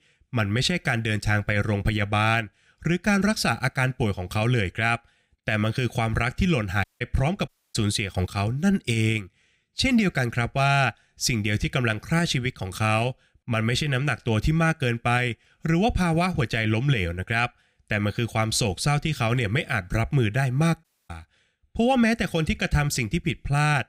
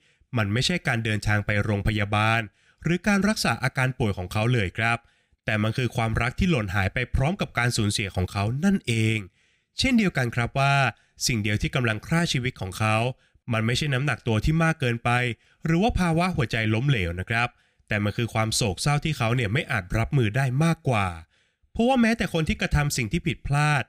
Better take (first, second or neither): second